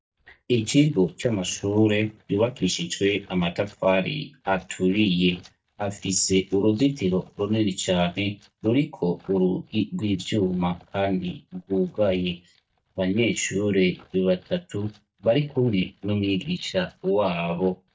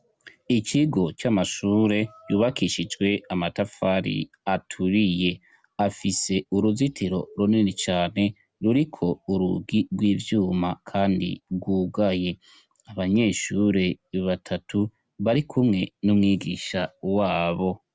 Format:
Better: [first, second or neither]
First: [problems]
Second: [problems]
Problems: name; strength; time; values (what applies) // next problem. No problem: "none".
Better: second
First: noise reduction (neural mask model DeepFilterNet 3)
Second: none